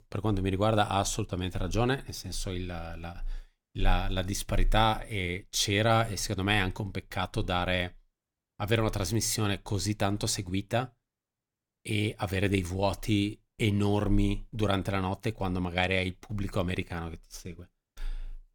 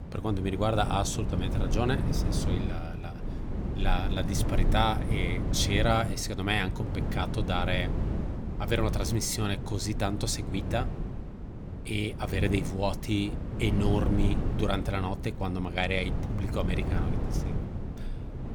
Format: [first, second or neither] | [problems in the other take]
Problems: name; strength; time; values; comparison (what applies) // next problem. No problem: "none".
first | wind noise on the microphone; heavy; 9 dB below the speech